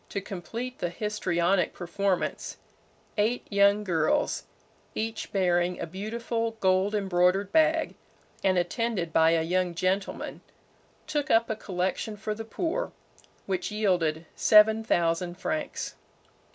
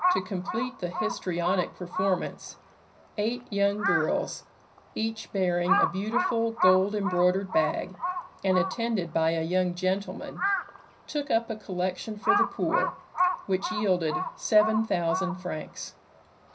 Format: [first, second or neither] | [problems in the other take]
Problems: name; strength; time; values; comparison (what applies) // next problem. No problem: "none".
first | background sound (Crow); 4 dB below the speech // room echo; dies away in 0.5 s